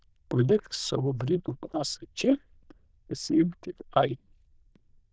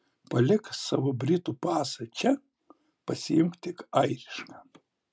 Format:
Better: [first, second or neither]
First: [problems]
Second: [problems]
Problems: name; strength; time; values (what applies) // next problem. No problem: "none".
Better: second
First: noise reduction (neural diffusion model UNIVERSE++)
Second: none